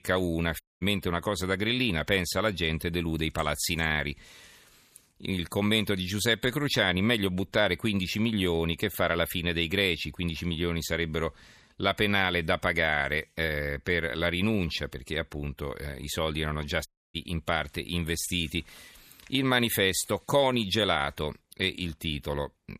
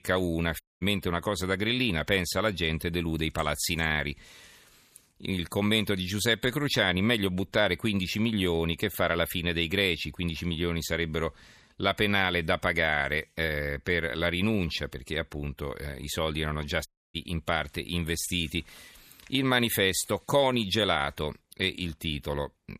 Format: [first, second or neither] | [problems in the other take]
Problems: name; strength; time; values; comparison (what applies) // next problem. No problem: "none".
neither | audio cutting out; at 0.5 s and at 17 s; the same in both